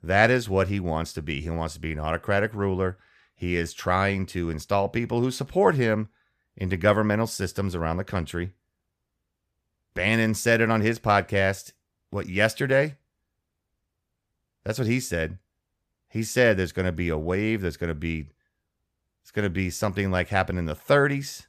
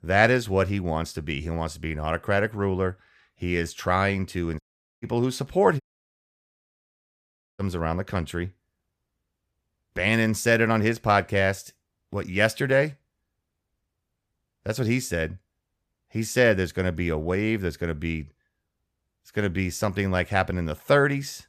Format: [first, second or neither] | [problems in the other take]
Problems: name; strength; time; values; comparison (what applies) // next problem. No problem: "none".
first | audio cutting out; at 4.5 s and at 6 s for 2 s